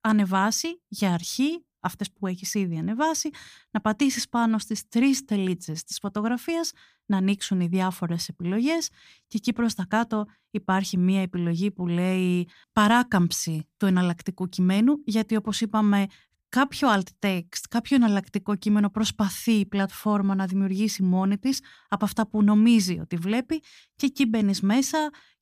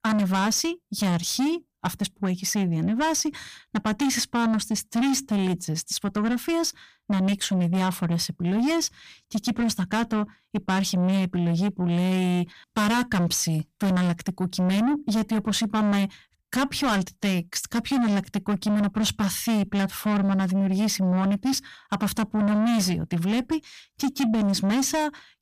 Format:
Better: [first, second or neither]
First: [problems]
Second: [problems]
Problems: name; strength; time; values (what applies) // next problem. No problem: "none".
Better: first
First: none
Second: distortion; heavy; 8 dB below the speech